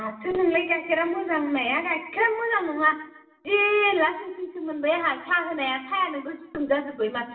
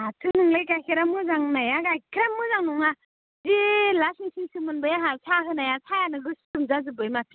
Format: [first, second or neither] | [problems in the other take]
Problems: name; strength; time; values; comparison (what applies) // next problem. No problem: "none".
second | room echo; dies away in 0.7 s